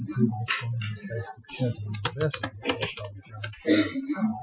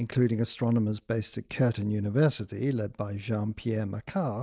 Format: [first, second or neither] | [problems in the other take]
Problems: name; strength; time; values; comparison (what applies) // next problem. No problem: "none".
second | noise reduction (classical method Wiener filter)